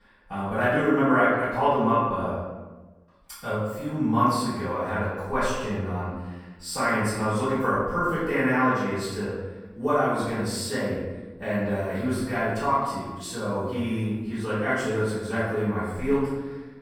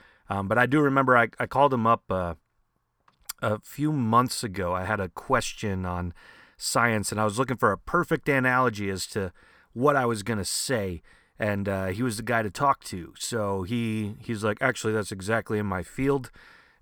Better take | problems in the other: second | room echo; strong; dies away in 1.1 s // off-mic speech; far

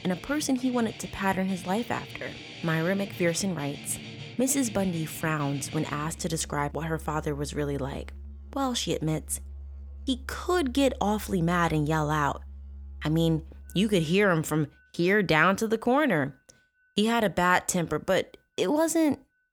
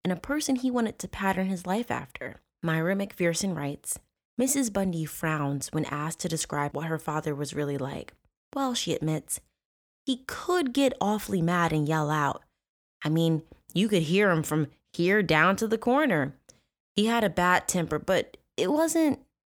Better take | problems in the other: second | background music; noticeable; throughout; 15 dB below the speech

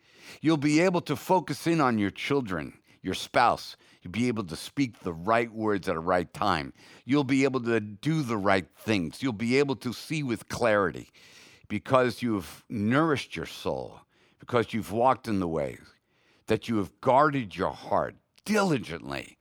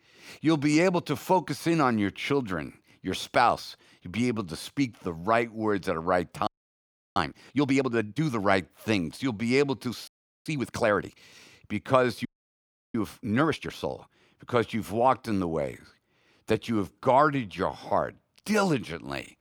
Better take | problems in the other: first | audio freezing; at 6.5 s for 0.5 s, at 10 s and at 12 s for 0.5 s

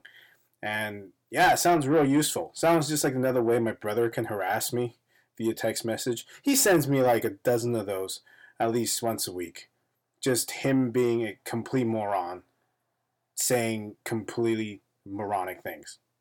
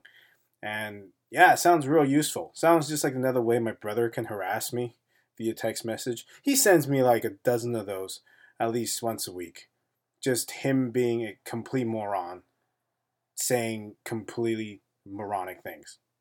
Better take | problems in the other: second | distortion; slight; 10 dB below the speech

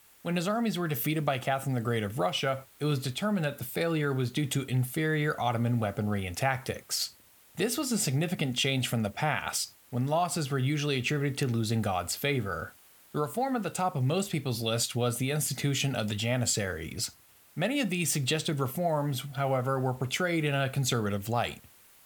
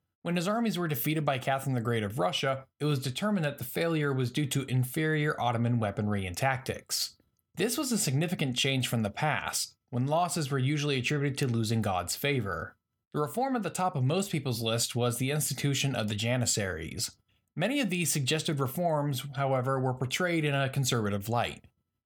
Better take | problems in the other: second | hiss; faint; throughout; 25 dB below the speech

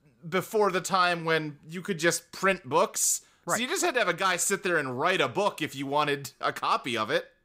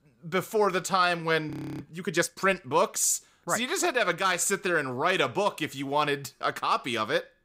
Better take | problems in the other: first | audio freezing; at 1.5 s

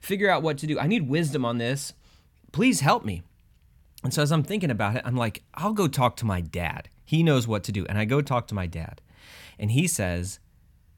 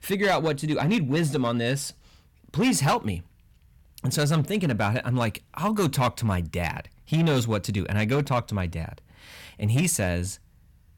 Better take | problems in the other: first | distortion; slight; 6% of the sound clipped

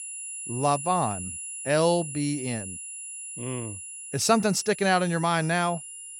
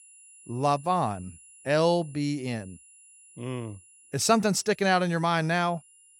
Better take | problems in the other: second | high-pitched whine; loud; throughout; 10 kHz, 9 dB below the speech; faint in the second

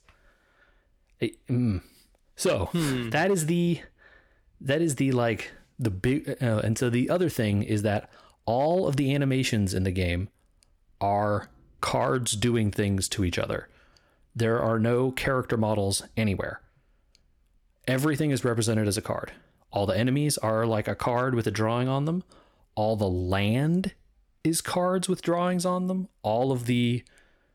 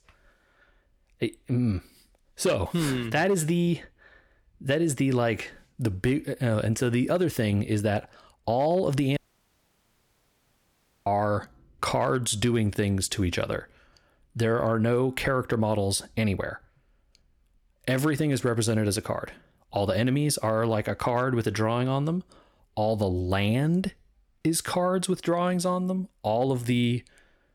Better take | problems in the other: first | audio cutting out; at 9 s for 2 s

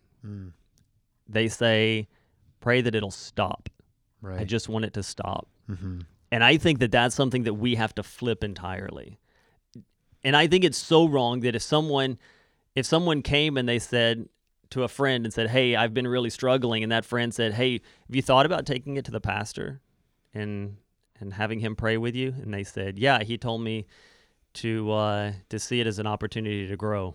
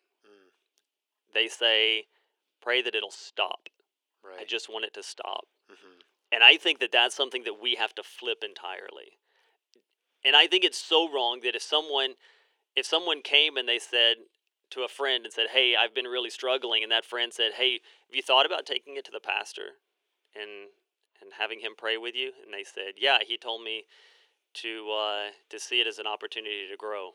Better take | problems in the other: first | thin; very; fading below 350 Hz

